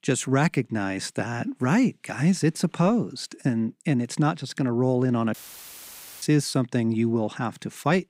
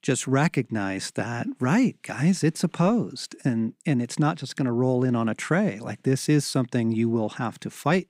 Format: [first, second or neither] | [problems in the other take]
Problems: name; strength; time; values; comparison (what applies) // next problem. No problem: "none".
second | audio cutting out; filled with static; at 5.5 s for 1 s